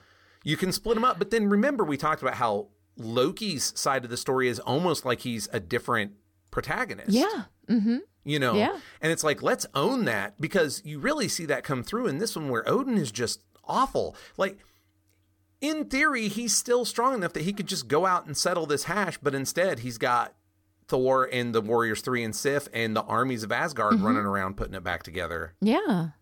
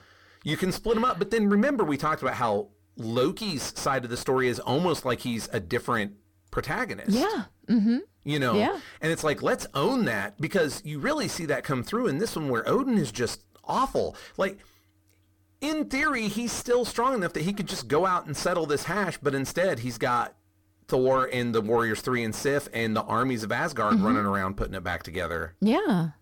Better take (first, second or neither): first